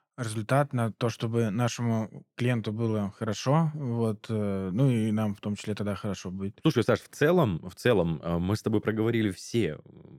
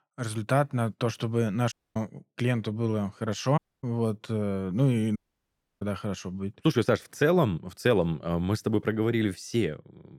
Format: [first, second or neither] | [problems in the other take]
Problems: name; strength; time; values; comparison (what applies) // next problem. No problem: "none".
first | audio cutting out; at 1.5 s, at 3.5 s and at 5 s for 0.5 s